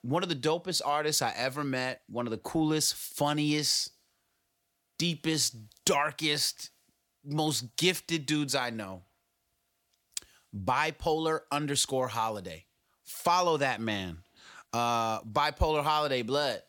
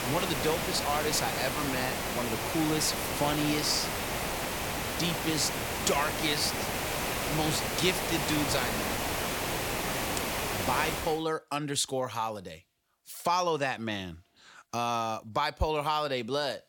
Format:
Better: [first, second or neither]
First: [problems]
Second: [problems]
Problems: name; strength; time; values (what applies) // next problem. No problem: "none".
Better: first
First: none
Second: hiss; loud; until 11 s; 1 dB below the speech